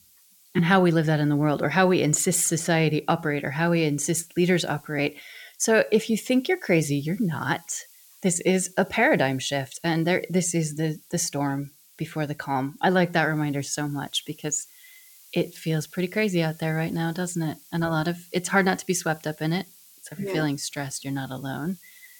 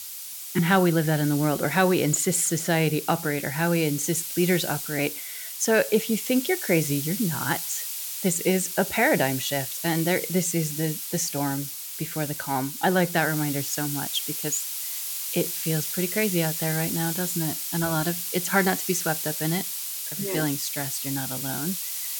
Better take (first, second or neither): first